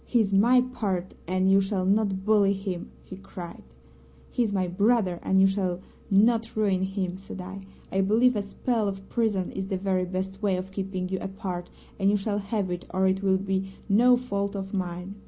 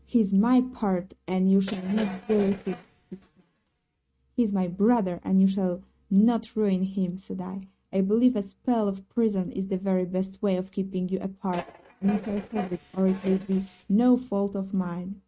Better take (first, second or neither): first